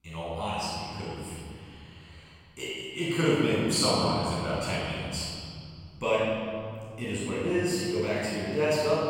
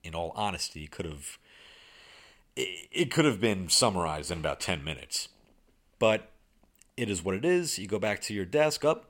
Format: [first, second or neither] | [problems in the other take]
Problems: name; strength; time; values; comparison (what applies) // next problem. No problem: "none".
second | off-mic speech; far // room echo; strong; dies away in 2.7 s